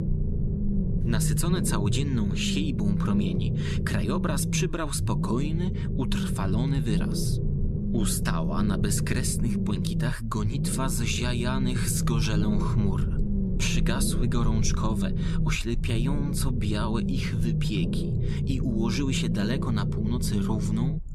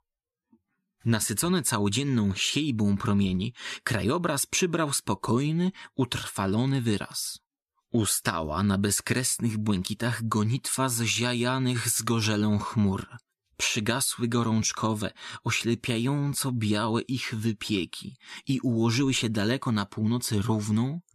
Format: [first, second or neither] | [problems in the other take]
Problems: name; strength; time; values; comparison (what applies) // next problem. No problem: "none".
second | low rumble; loud; throughout; 4 dB below the speech